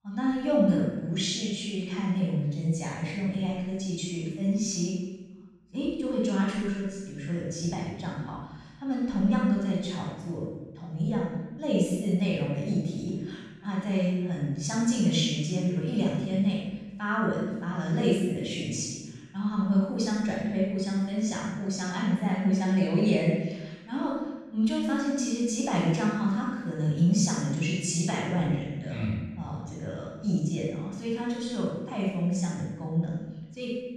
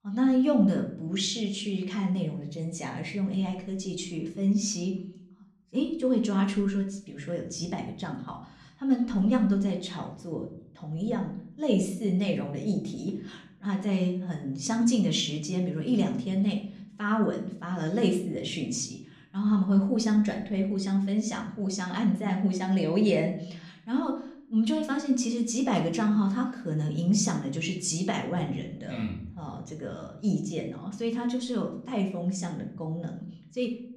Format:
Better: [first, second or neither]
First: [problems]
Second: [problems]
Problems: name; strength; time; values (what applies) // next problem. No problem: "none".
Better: second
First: room echo; strong; dies away in 1 s // off-mic speech; far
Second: room echo; slight; dies away in 0.5 s // off-mic speech; somewhat distant